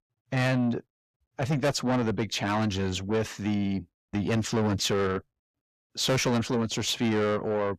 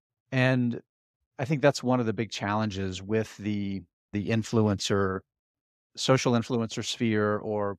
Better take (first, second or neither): second